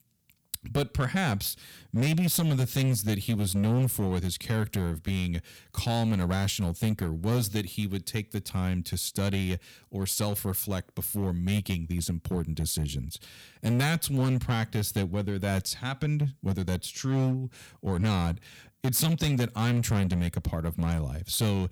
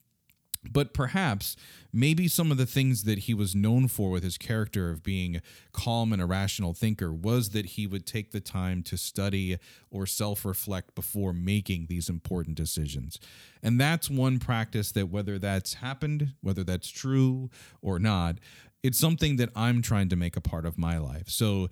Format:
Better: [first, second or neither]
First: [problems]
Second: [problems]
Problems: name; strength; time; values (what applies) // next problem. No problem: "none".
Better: second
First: distortion; slight; 9% of the sound clipped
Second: none